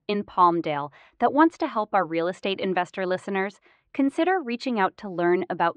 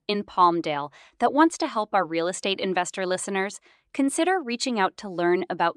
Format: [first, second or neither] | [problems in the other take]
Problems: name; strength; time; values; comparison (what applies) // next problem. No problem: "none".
second | muffled; slightly; fading above 2.5 kHz